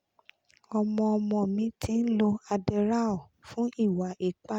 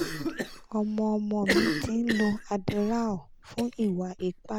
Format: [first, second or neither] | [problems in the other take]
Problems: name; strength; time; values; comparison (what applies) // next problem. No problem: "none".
first | background sound (Cough); 5 dB below the speech